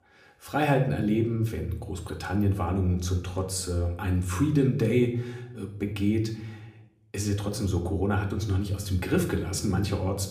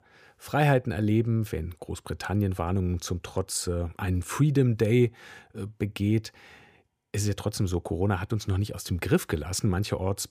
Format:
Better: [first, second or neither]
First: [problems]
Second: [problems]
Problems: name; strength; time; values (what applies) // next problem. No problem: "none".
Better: second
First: room echo; slight; dies away in 0.6 s // off-mic speech; somewhat distant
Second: none